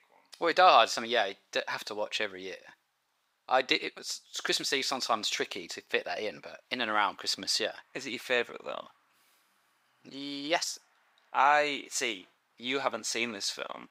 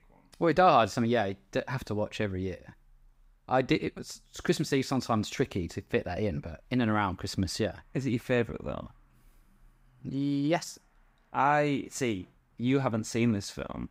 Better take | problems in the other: second | thin; very; fading below 600 Hz

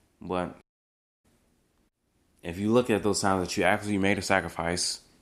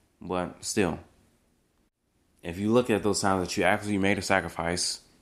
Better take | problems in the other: second | audio cutting out; at 0.5 s for 0.5 s

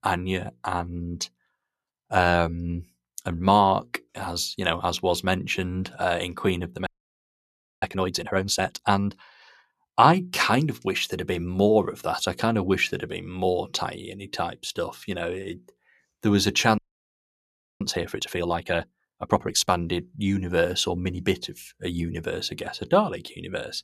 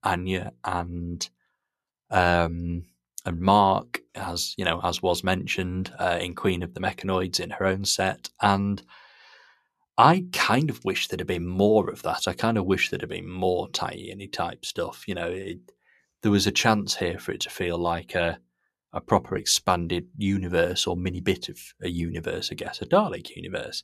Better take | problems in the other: second | audio freezing; at 7 s for 1 s and at 17 s for 1 s

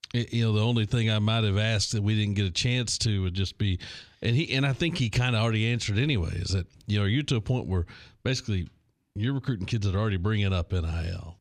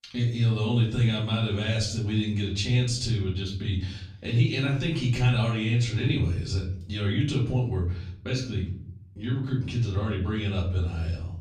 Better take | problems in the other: first | off-mic speech; far // room echo; slight; dies away in 0.6 s

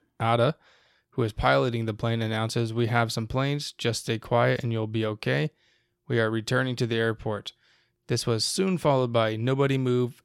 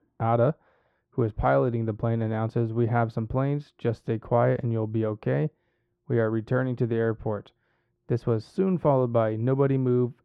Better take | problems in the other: first | muffled; very; fading above 2.5 kHz

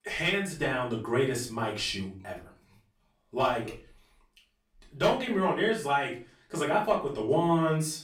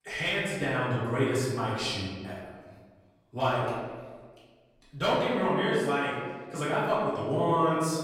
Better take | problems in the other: first | room echo; strong; dies away in 1.4 s; slight in the first // off-mic speech; far; far in the first

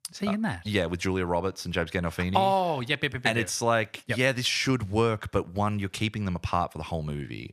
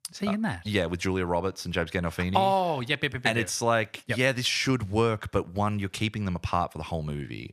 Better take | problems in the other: neither | none

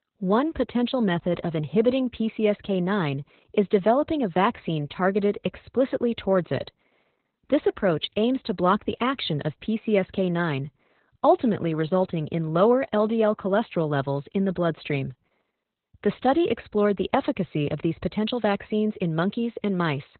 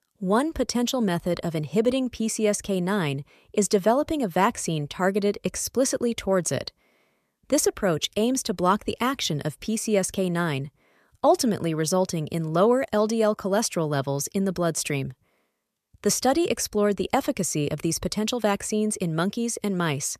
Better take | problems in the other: second | garbled, watery; badly; nothing above 4 kHz

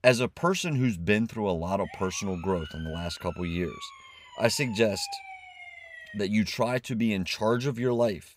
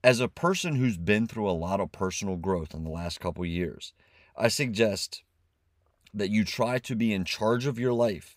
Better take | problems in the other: second | siren; faint; from 2 to 6 s; peak 15 dB below the speech

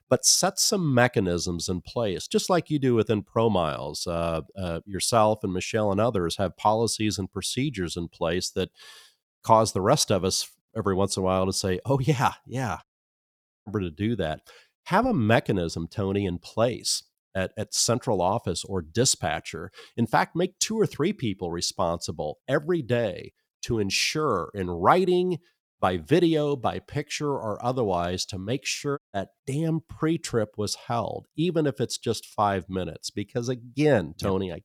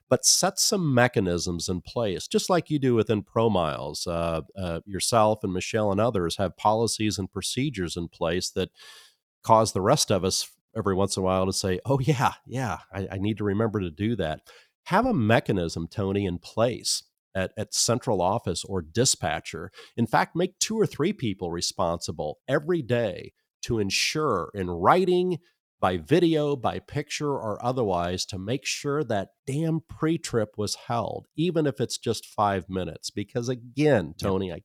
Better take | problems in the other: second | audio cutting out; at 13 s for 1 s and at 29 s

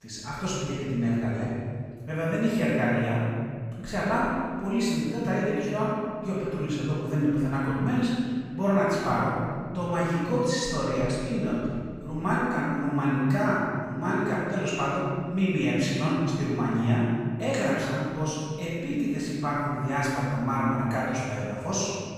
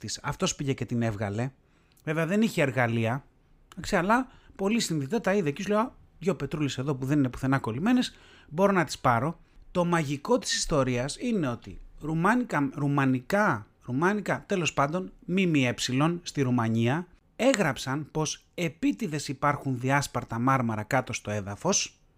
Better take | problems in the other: second | room echo; strong; dies away in 2 s // off-mic speech; far

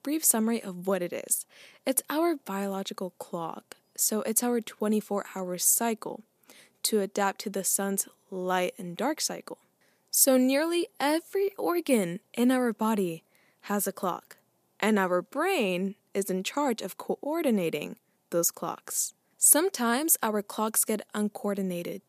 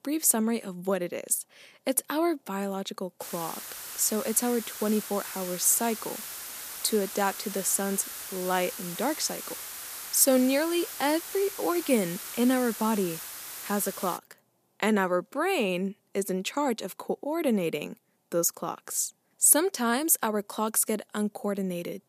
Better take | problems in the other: first | hiss; loud; from 3 to 14 s; 9 dB below the speech

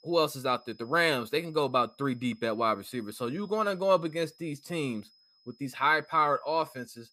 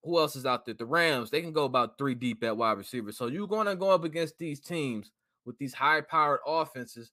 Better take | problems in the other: second | high-pitched whine; faint; throughout; 5 kHz, 30 dB below the speech

